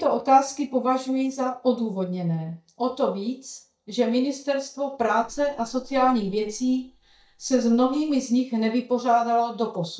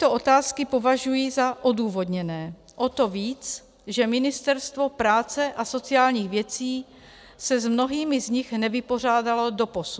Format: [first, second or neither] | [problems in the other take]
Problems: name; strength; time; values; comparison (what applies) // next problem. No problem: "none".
second | noise reduction (neural mask model DeepFilterNet 3)